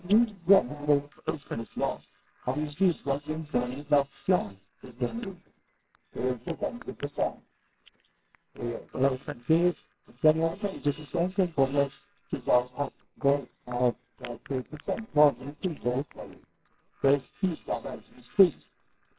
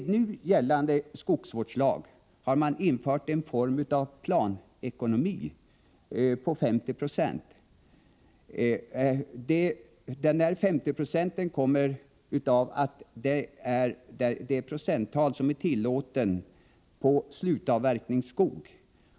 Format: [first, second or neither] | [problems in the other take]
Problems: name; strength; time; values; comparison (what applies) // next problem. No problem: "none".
second | noise reduction (neural separator model SepFormer WHAMR!)